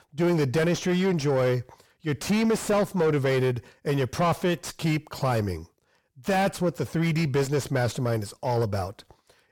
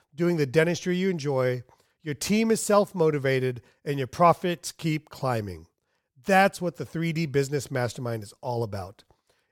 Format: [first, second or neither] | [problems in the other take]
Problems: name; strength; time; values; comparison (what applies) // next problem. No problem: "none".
second | distortion; heavy; 6 dB below the speech